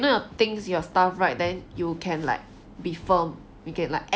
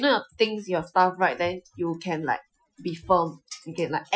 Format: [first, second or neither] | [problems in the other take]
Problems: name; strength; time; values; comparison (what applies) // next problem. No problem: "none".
first | noise reduction (classical method Wiener filter)